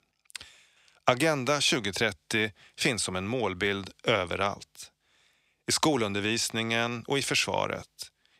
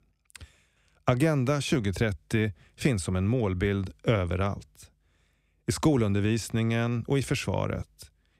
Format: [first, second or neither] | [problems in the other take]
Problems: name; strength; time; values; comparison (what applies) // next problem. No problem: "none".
second | thin; somewhat; fading below 1 kHz